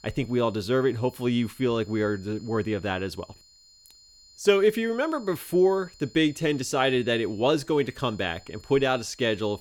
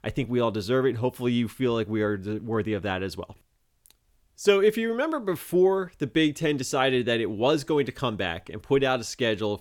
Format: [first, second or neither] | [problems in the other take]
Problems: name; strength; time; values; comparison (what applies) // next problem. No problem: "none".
second | high-pitched whine; faint; throughout; 4 kHz, 25 dB below the speech